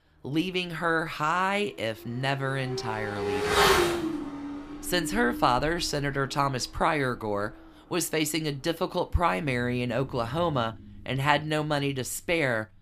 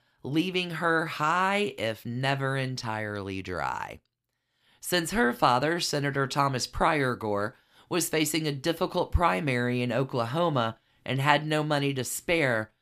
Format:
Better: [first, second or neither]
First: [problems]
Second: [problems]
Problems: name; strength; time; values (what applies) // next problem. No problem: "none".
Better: second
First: traffic noise; loud; throughout; 1 dB below the speech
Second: none